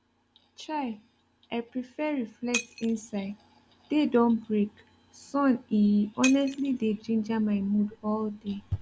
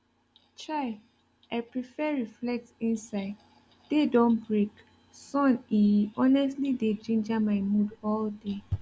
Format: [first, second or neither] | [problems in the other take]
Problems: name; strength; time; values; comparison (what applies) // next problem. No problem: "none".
second | background sound (Shatter); 14 dB below the speech